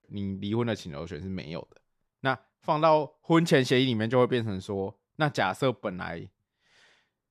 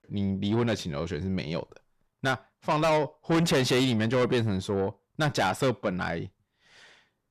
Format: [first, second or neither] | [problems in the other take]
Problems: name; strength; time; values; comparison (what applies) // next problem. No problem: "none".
first | distortion; heavy; 6 dB below the speech